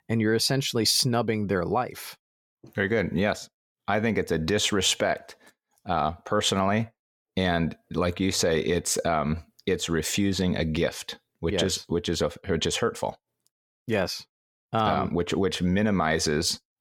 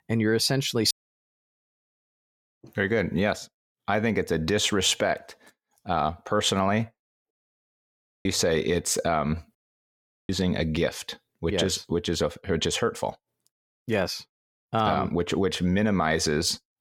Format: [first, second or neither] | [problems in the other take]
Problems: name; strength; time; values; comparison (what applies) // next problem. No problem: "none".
first | audio cutting out; at 1 s for 1.5 s, at 7.5 s for 1 s and at 9.5 s for 0.5 s